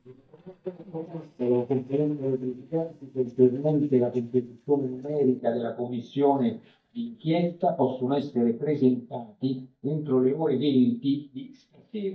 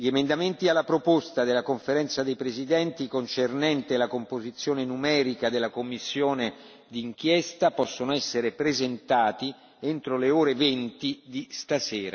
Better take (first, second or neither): second